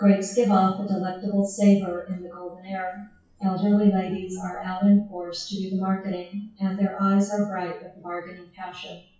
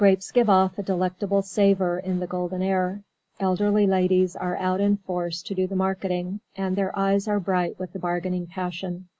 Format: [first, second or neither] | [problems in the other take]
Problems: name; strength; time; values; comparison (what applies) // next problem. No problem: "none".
second | noise reduction (classical method WPE with log-MMSE)